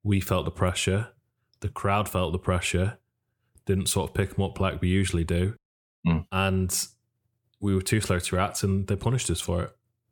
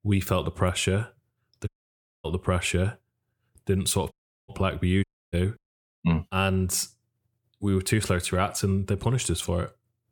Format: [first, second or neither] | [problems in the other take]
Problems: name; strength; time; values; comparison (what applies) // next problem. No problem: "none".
first | audio cutting out; at 1.5 s for 0.5 s, at 4 s and at 5 s